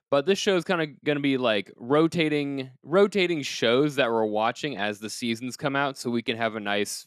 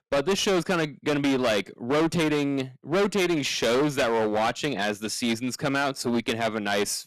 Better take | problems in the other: first | distortion; heavy; 20% of the sound clipped

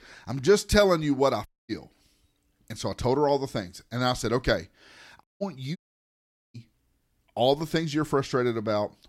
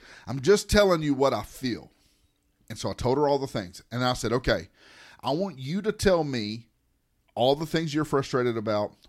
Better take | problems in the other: second | audio cutting out; at 1.5 s, at 5 s and at 6 s for 1 s

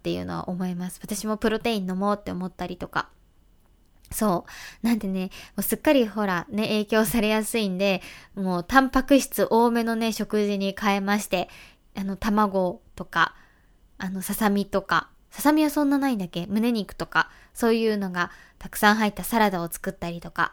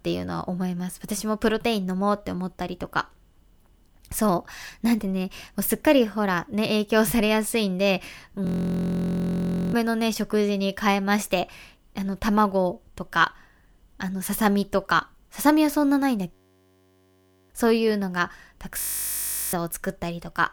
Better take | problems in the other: first | audio freezing; at 8.5 s for 1.5 s, at 16 s for 1 s and at 19 s for 0.5 s

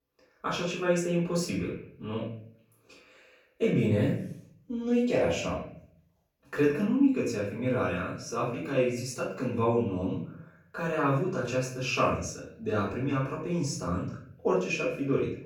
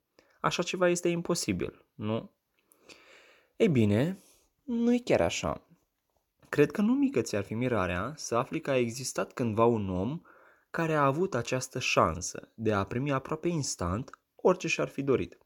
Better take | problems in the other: second | off-mic speech; far // room echo; noticeable; dies away in 0.5 s

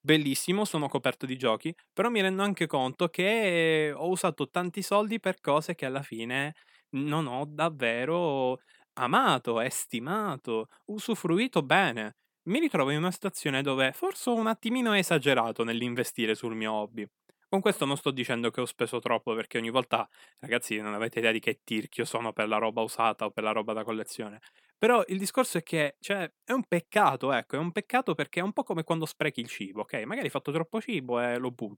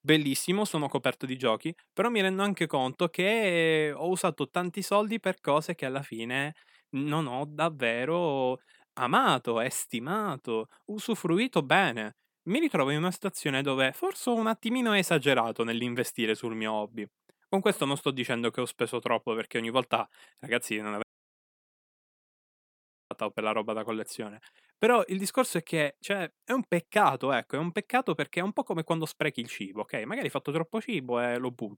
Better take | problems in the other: first | audio cutting out; at 21 s for 2 s

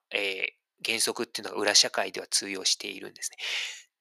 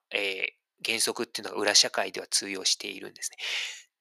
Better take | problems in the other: neither | thin; very; fading below 650 Hz; the same in both

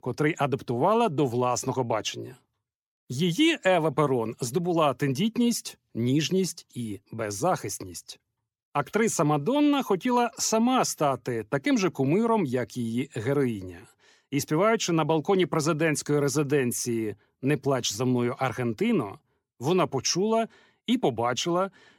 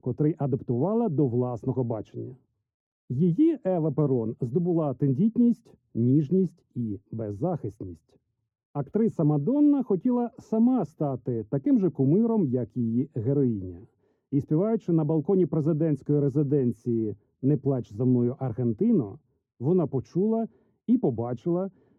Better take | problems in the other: first | muffled; very; fading above 1 kHz

